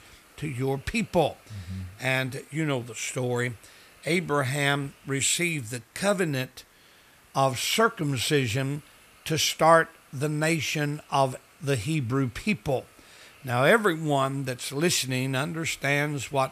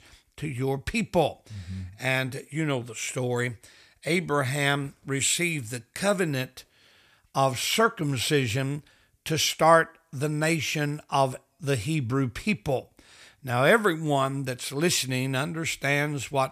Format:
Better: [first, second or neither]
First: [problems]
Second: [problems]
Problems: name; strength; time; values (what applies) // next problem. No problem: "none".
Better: second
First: hiss; faint; throughout; 30 dB below the speech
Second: none